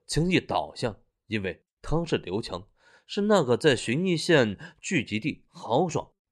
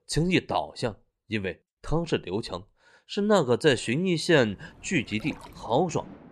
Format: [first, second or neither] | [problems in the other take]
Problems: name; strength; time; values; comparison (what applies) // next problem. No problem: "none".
first | rain or running water; faint; from 4.5 s on; 20 dB below the speech